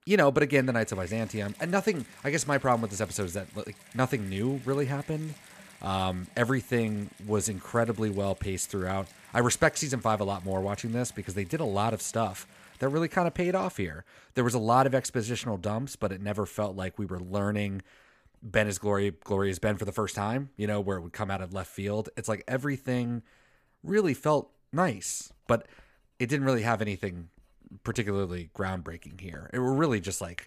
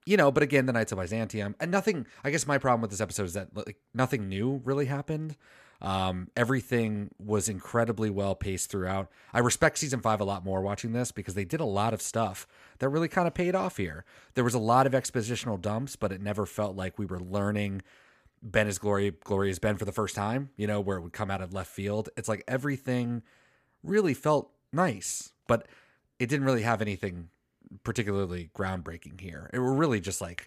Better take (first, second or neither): second